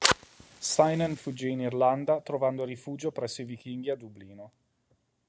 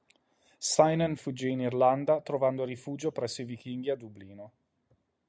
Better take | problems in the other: second | background sound (Fire); 7 dB below the speech

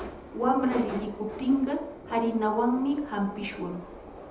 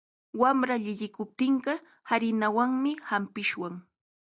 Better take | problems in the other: second | background sound (Subway, metro, underground); 12 dB below the speech // room echo; dies away in 0.7 s

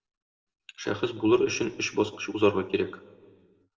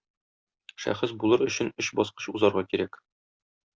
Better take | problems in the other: second | room echo; dies away in 1.2 s

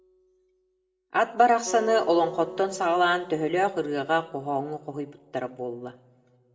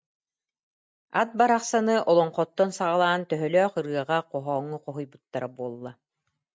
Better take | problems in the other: second | background sound (Acoustic guitar); 17 dB below the speech // room echo; dies away in 1.1 s

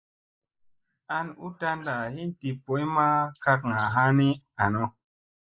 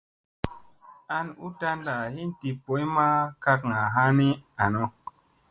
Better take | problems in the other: second | noise reduction (neural mask model Resemble Enhance denoiser)

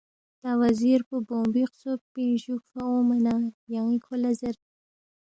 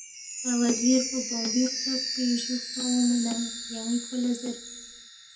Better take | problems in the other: first | background sound (Chime); 5 dB below the speech // room echo; dies away in 0.2 s

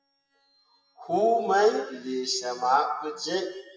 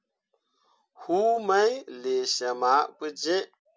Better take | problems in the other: second | noise reduction (classical method WPE with log-MMSE)

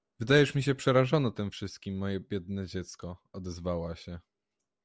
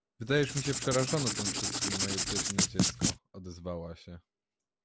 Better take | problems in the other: first | background sound (Writing); 3 dB above the speech

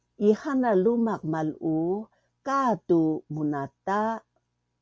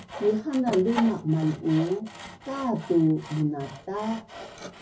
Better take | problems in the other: first | background sound (Sawing); 13 dB below the speech // room echo; dies away in 0.4 s

